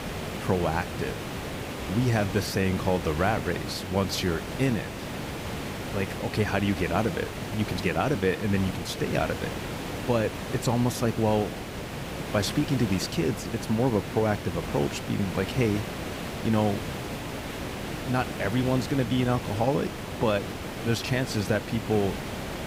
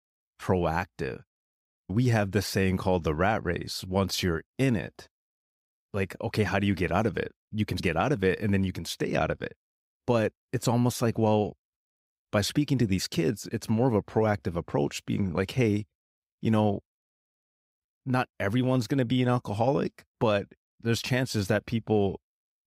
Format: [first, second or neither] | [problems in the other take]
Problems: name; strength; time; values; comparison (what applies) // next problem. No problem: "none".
second | hiss; loud; throughout; 6 dB below the speech